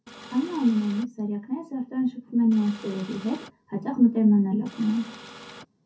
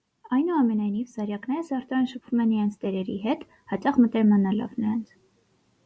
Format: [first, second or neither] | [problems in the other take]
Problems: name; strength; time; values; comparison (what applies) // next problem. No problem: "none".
second | background sound (Printer); 18 dB below the speech // room echo; dies away in 0.3 s